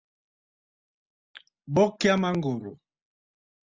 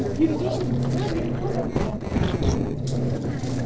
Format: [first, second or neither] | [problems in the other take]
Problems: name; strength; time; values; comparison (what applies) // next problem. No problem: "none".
first | noise reduction (neural separator model SepFormer DNS4)